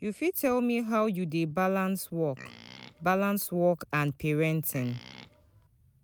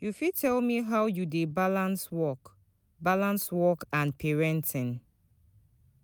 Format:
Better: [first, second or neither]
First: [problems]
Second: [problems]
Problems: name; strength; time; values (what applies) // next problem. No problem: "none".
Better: second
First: background sound (Livestock, farm animals, working animals); 20 dB below the speech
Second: none